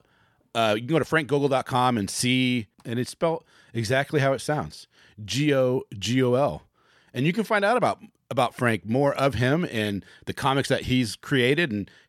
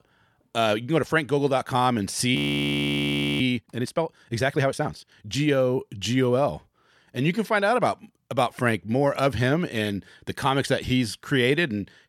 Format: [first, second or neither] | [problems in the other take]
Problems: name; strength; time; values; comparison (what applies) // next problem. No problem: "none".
first | audio freezing; at 2.5 s for 1 s